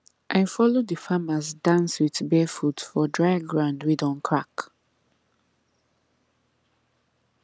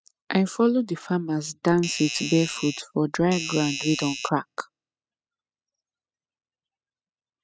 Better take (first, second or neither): first